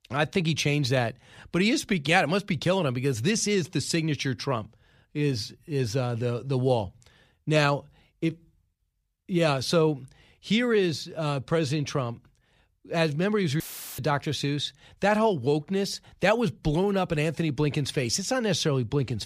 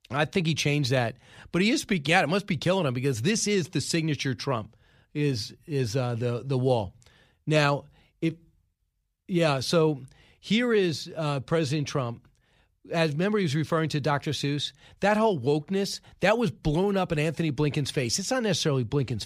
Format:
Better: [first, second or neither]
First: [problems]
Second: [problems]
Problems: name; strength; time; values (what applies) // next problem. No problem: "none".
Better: second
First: audio cutting out; filled with static; at 14 s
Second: none